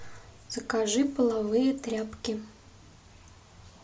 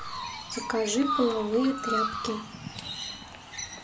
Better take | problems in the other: first | background sound (Chirp, tweet); 4 dB below the speech

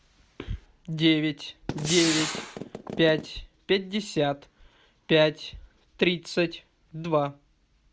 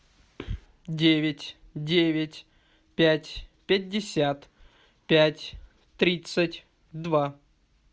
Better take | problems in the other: second | background sound (Gunshot, gunfire); 4 dB below the speech

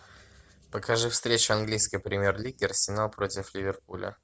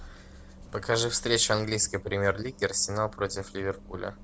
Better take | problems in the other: first | background sound (Purr + Bus); 18 dB below the speech

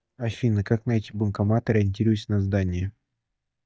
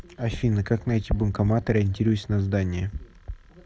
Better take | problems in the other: second | noise reduction (neural mask model DeepFilterNet 3)

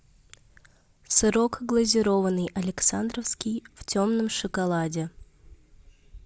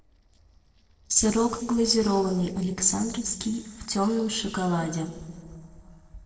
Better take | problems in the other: first | noise reduction (neural separator model SepFormer DNS4)

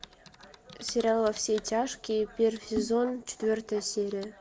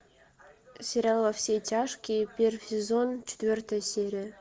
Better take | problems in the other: second | background sound (Typing); 15 dB below the speech

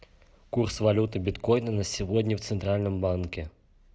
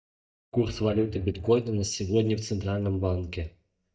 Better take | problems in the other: first | noise reduction (neural mask model DeepFilterNet 3)

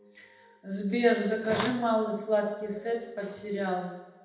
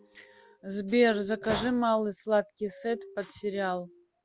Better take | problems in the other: second | background sound (Clapping); 15 dB below the speech // room echo; dies away in 0.9 s

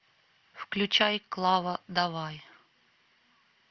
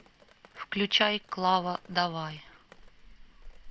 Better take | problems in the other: first | background sound (Drip); 20 dB below the speech

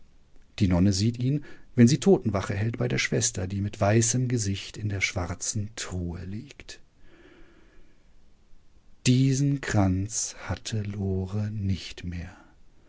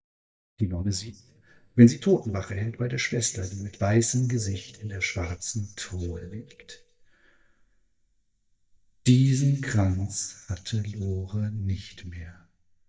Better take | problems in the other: first | noise reduction (neural mask model DeepFilterNet 3)

